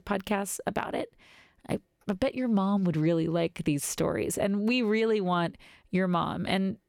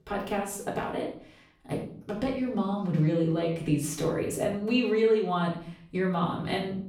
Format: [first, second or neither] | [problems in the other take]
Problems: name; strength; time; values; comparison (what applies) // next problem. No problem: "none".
first | off-mic speech; far // room echo; noticeable; dies away in 0.5 s